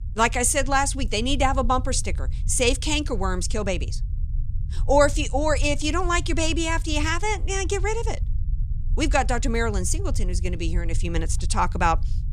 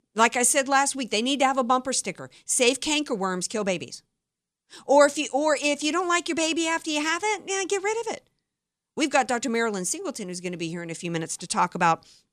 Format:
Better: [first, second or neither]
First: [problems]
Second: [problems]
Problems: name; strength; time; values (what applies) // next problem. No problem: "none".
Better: second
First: low rumble; faint; throughout; 25 dB below the speech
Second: none